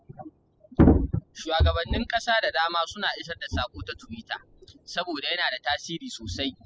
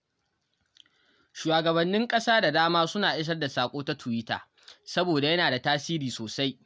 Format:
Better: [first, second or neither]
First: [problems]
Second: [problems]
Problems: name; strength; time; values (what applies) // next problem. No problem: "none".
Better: second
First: noise reduction (classical method spectral subtraction)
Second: none